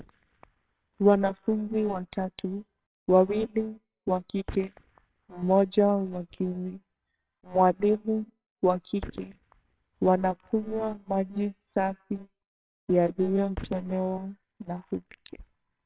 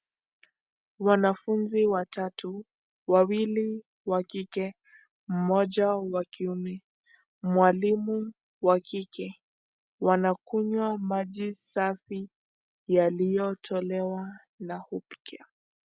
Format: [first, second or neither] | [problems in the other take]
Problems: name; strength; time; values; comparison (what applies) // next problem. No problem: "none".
second | noise reduction (neural separator model SepFormer WHAMR!)